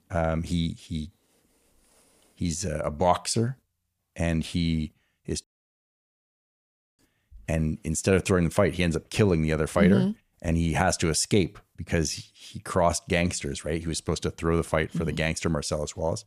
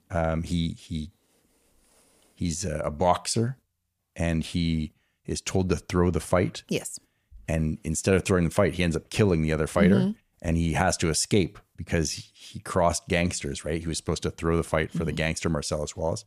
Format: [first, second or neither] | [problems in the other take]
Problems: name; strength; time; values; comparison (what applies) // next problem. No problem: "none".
second | audio cutting out; at 5.5 s for 1.5 s